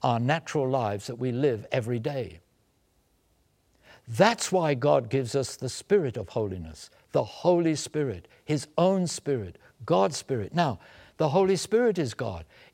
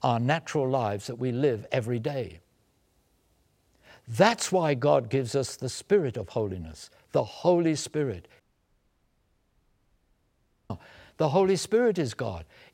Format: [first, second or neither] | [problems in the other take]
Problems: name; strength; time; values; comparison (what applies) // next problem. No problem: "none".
first | audio cutting out; at 8.5 s for 2.5 s